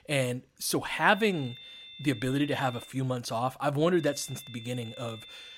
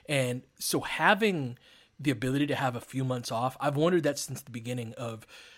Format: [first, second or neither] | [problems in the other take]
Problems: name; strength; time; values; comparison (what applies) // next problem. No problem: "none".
second | high-pitched whine; noticeable; from 1 to 3 s and from 4 s on; 3.5 kHz, 15 dB below the speech